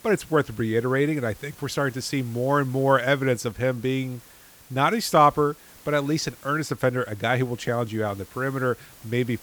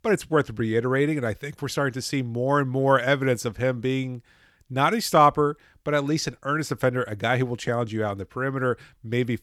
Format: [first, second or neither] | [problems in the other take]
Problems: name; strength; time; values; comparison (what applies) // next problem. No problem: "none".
second | hiss; faint; throughout; 25 dB below the speech